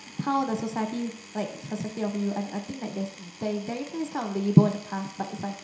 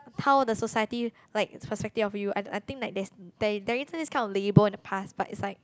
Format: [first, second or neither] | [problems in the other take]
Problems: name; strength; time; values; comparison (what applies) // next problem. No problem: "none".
second | background sound (Power tool); 18 dB below the speech // room echo; dies away in 0.7 s